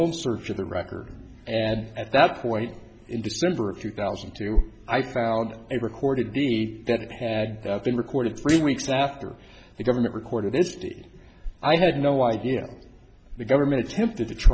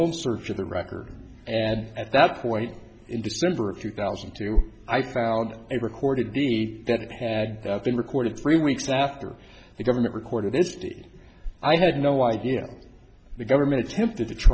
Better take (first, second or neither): second